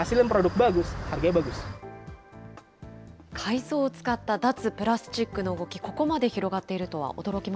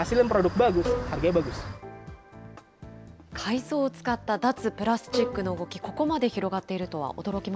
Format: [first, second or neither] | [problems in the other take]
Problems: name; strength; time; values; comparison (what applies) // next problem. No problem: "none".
first | background sound (Bowed string instrument); 6 dB below the speech